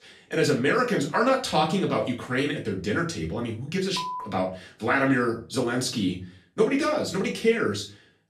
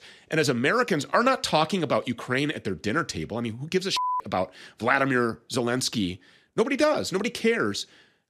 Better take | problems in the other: second | room echo; slight; dies away in 0.3 s // off-mic speech; far

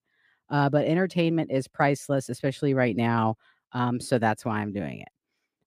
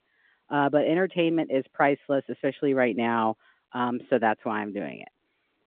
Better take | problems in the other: first | phone-call audio

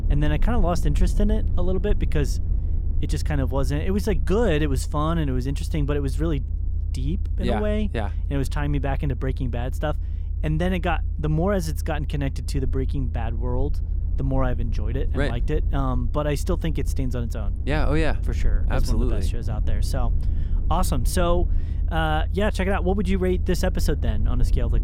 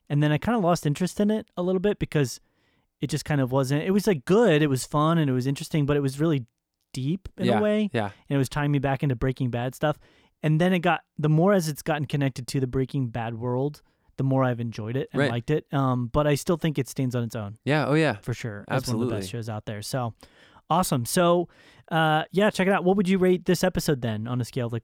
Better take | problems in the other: second | low rumble; noticeable; throughout; 15 dB below the speech

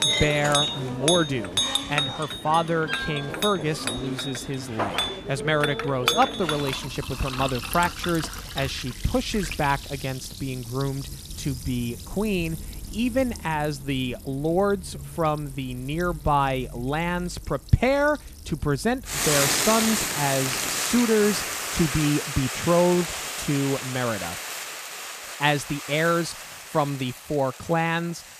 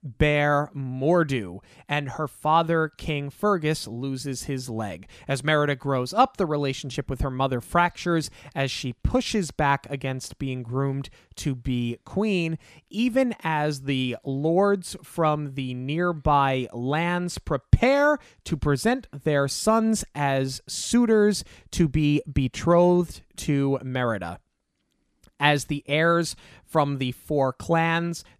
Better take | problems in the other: second | household noises; loud; throughout; 2 dB below the speech

